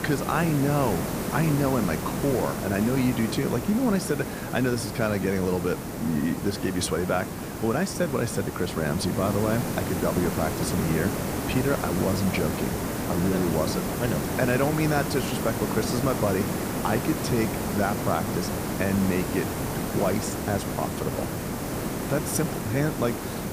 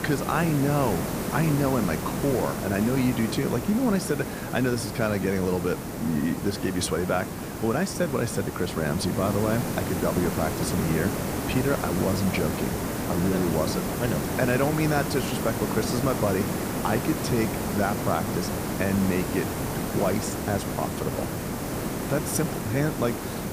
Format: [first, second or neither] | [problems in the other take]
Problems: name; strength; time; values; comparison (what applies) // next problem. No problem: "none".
neither | hiss; loud; throughout; 3 dB below the speech; the same in both